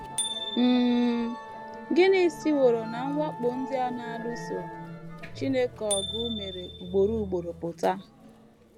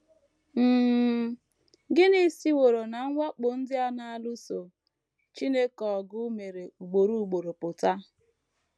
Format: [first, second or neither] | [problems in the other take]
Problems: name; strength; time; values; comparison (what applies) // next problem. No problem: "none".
second | background sound (Musical instrument + Bicycle bell); 10 dB below the speech